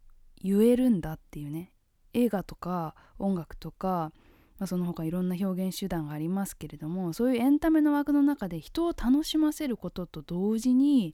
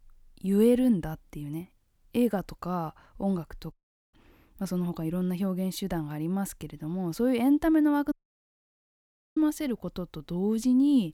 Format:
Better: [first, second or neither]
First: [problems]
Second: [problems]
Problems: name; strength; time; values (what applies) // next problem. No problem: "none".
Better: first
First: none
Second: audio cutting out; at 3.5 s and at 8 s for 1 s